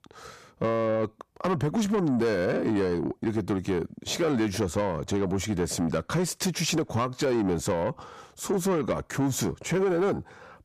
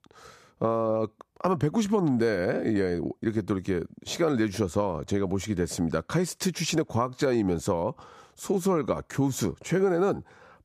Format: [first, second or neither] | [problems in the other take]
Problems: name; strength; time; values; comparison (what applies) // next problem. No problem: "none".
second | distortion; slight; 10 dB below the speech